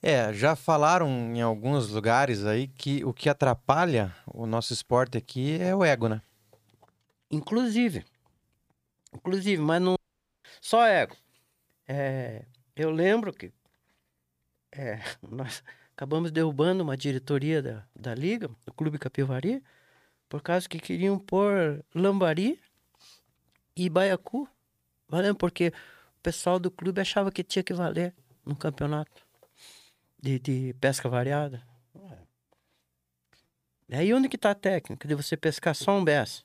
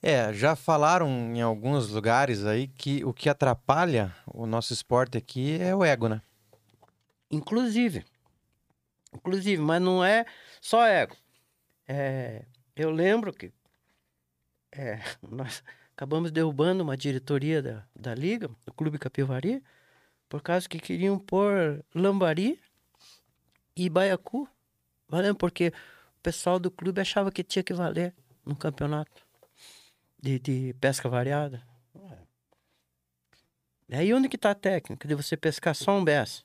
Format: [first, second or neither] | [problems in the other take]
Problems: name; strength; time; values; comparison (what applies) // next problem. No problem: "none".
second | audio cutting out; at 10 s